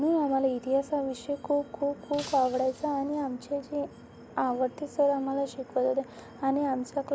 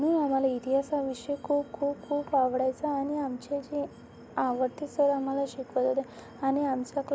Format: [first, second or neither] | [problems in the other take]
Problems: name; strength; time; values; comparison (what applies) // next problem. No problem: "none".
second | background sound (Shatter); 20 dB below the speech